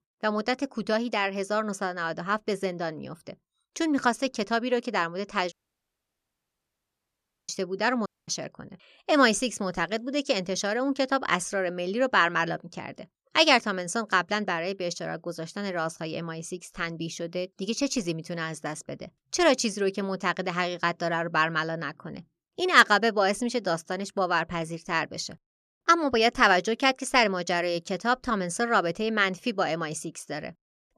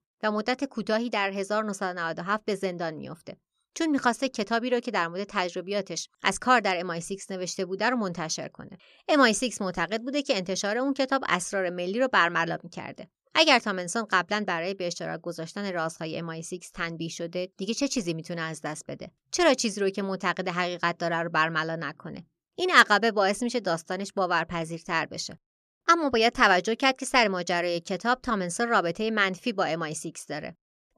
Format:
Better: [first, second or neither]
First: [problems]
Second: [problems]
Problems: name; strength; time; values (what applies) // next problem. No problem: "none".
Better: second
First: audio cutting out; at 5.5 s for 2 s and at 8 s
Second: none